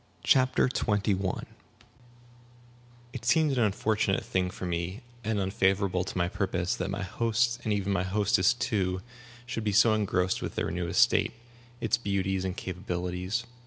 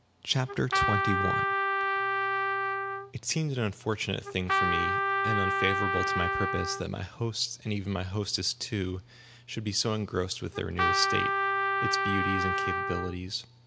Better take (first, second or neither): first